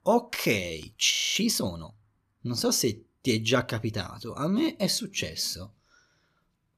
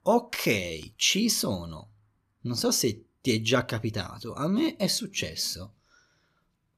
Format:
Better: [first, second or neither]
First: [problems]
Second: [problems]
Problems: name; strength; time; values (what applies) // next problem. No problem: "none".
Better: second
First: audio freezing; at 1 s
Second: none